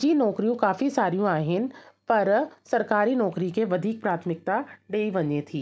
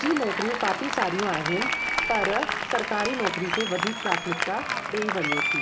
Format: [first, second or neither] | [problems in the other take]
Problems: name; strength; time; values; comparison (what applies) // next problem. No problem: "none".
first | background sound (Applause); 1 dB above the speech // room echo; dies away in 0.2 s